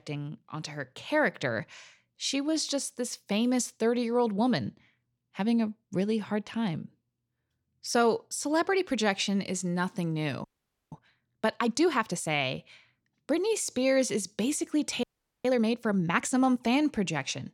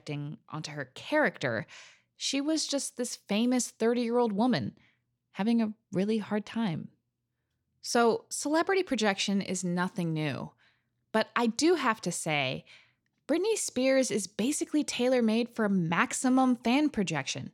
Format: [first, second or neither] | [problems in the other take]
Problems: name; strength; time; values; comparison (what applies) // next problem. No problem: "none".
second | audio freezing; at 10 s and at 15 s